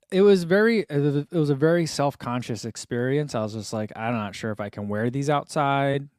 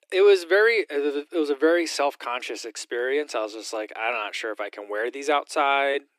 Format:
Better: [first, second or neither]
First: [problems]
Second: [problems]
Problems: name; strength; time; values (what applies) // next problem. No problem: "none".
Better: first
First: none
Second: thin; very; fading below 300 Hz